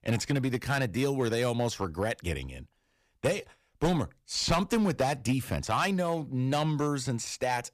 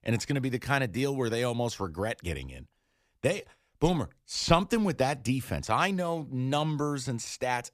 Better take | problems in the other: second | distortion; slight; 3% of the sound clipped

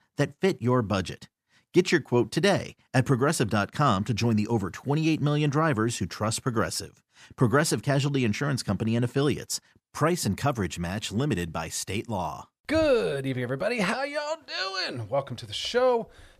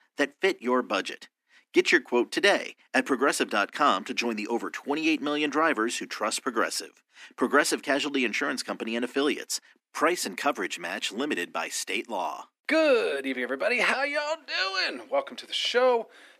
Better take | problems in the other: first | thin; somewhat; fading below 250 Hz

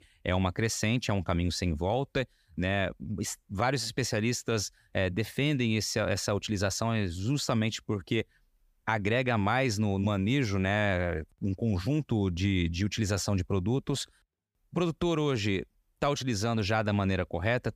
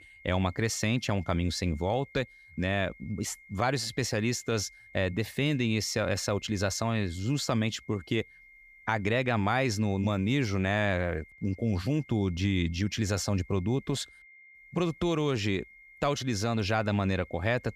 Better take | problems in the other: first | high-pitched whine; faint; throughout; 2 kHz, 25 dB below the speech

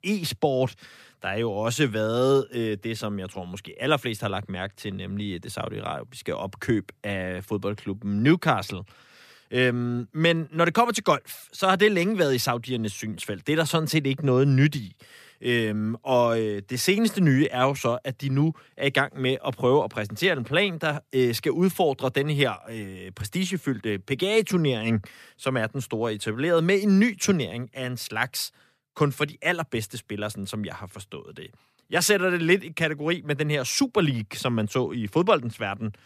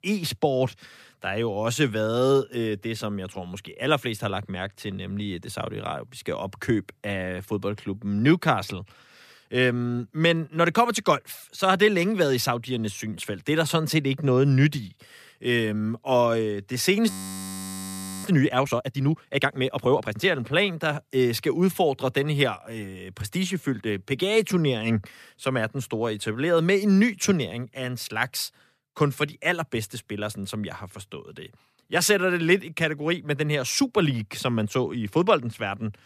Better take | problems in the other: first | audio freezing; at 17 s for 1 s

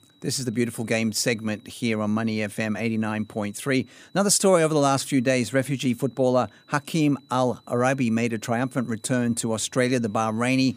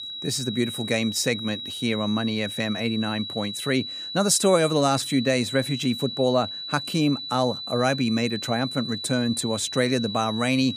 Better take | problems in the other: first | high-pitched whine; loud; throughout; 4 kHz, 7 dB below the speech; faint in the first

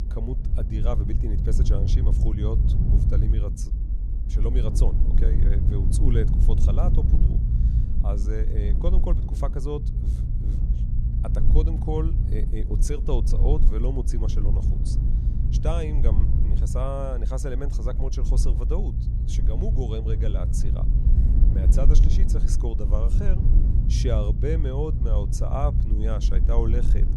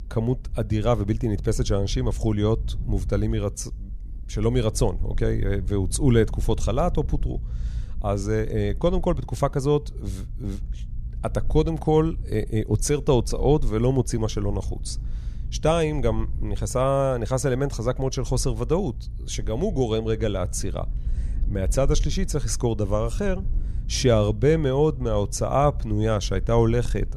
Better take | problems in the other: second | low rumble; loud; throughout; 5 dB below the speech; faint in the second

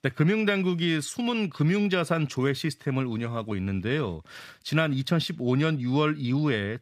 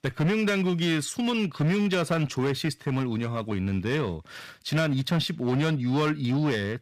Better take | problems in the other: first | distortion; slight; 11% of the sound clipped

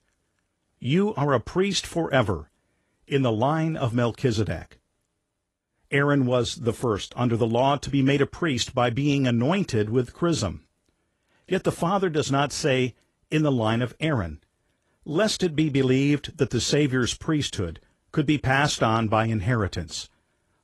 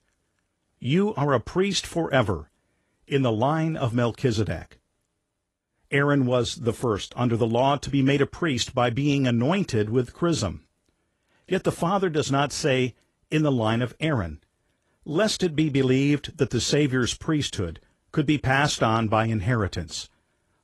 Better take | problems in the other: neither | garbled, watery; slightly; nothing above 11.5 kHz; the same in both

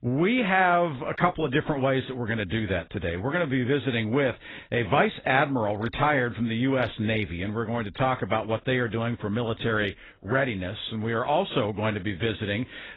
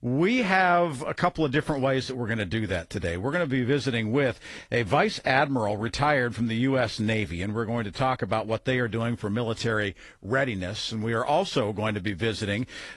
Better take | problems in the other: second | garbled, watery; badly; nothing above 4 kHz; slightly in the second

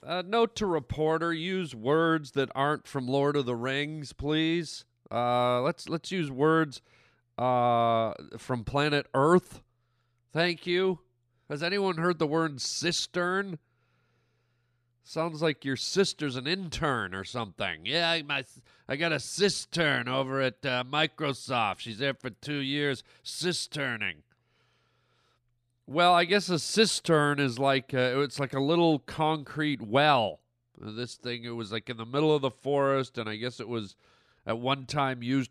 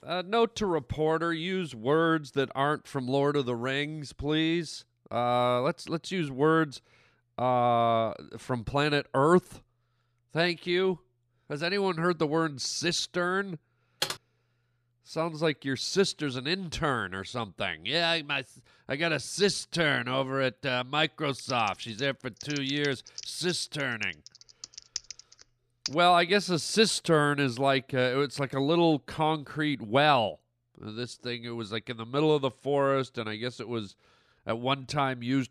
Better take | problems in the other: first | keyboard typing; noticeable; at 14 s and from 21 to 26 s; peak 4 dB below the speech

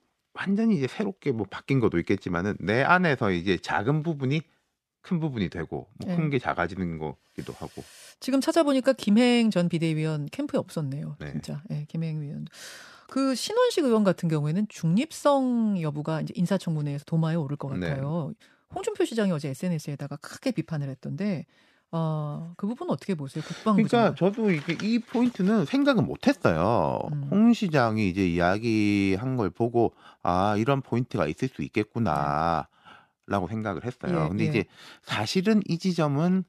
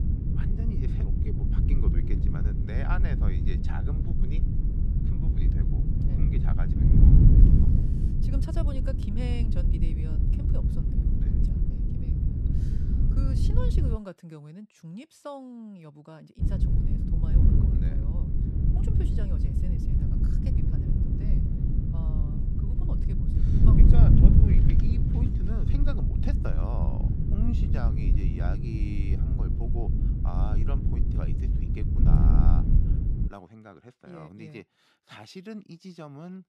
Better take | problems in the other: first | wind noise on the microphone; heavy; until 14 s and from 16 to 33 s; 4 dB above the speech

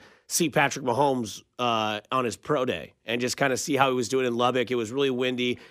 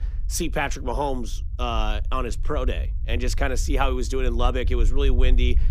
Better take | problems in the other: first | low rumble; faint; throughout; 20 dB below the speech

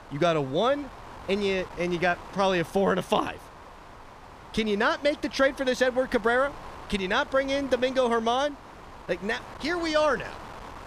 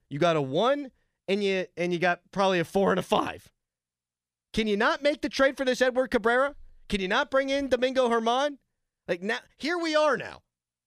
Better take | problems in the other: second | wind noise on the microphone; occasional gusts; 15 dB below the speech

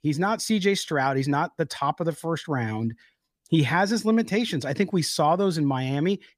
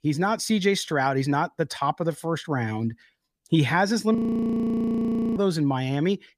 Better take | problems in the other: first | audio freezing; at 4 s for 1 s

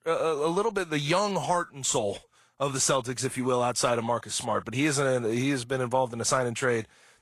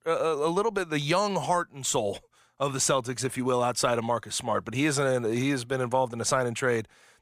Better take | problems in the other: second | garbled, watery; slightly; nothing above 10.5 kHz

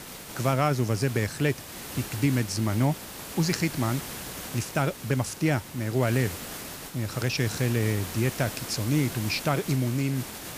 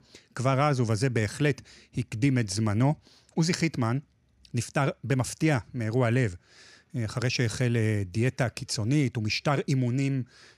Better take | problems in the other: second | hiss; loud; throughout; 10 dB below the speech

